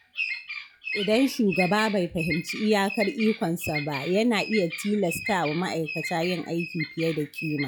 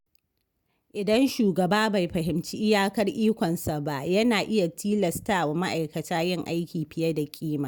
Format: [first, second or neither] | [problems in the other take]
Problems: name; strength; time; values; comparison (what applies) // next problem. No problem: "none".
second | noise reduction (classical method log-MMSE)